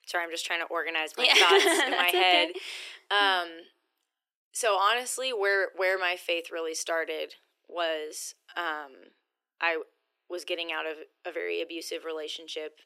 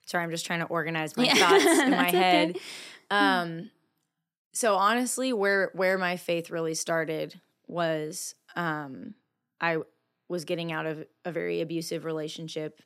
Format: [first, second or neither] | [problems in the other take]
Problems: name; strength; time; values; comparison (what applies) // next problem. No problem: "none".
second | thin; very; fading below 350 Hz